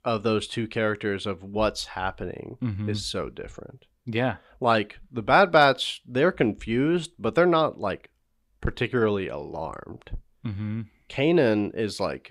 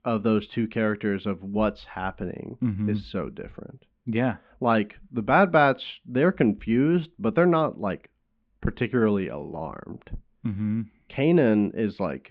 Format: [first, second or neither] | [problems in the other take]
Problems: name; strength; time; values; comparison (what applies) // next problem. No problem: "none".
first | muffled; very; fading above 3 kHz